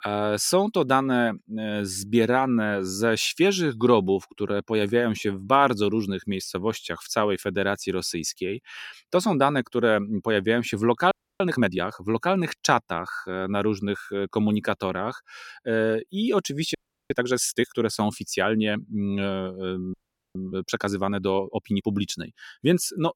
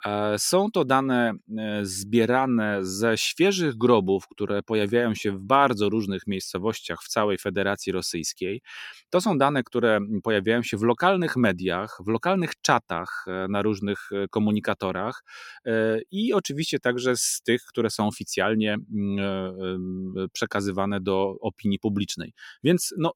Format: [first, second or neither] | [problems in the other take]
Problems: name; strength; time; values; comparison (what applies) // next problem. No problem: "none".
second | audio freezing; at 11 s, at 17 s and at 20 s